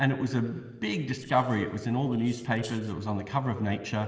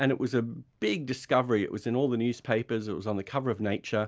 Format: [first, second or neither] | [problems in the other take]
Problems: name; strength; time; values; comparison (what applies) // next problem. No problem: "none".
second | noise reduction (neural separator model SepFormer DNS4)